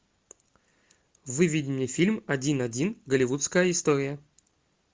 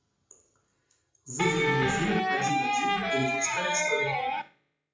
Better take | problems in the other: first | noise reduction (classical method WPE with log-MMSE)

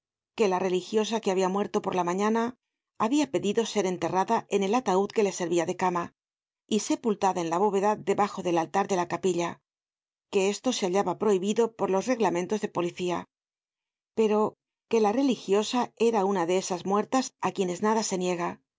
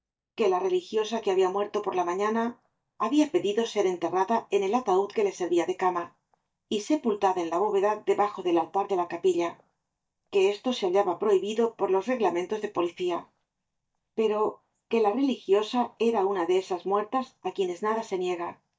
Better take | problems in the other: first | noise reduction (neural mask model DeepFilterNet 3)

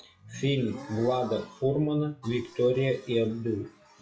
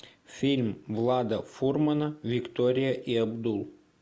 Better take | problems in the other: second | noise reduction (classical method WPE with log-MMSE)

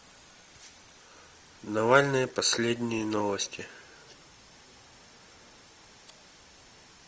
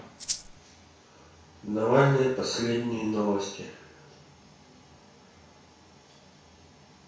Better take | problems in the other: first | background sound (Rattle (instrument)); 5 dB below the speech // room echo; dies away in 0.6 s

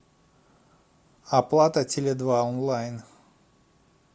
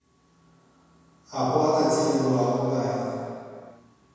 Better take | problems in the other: first | room echo; dies away in 2.1 s

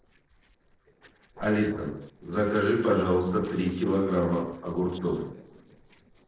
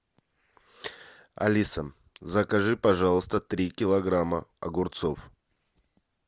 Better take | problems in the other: second | noise reduction (neural separator model SepFormer DNS4)

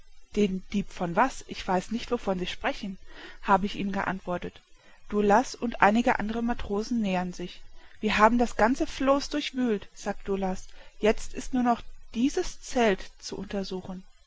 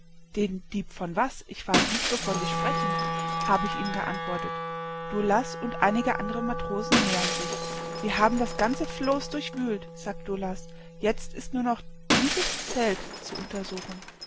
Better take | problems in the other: first | background sound (Wind instrument, woodwind instrument + Shatter); 2 dB below the speech

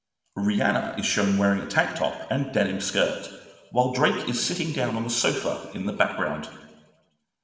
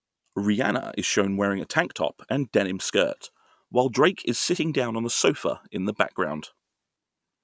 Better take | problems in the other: second | room echo; dies away in 1.1 s

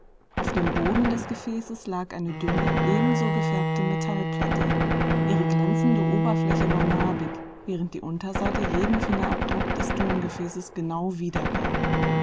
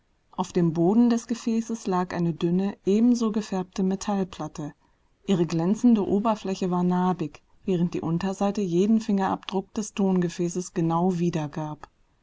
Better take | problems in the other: second | background sound (Gunshot, gunfire + Bowed string instrument); 4 dB above the speech

